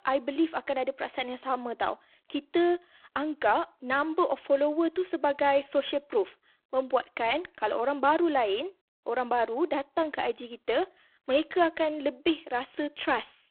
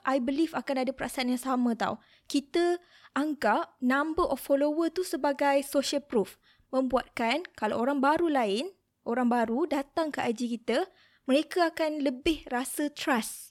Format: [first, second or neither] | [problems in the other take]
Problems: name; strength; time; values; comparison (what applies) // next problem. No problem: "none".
second | phone-call audio; poor line